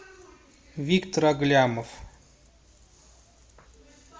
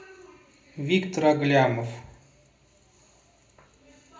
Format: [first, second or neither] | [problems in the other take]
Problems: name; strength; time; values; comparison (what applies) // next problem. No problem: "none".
first | room echo; dies away in 0.5 s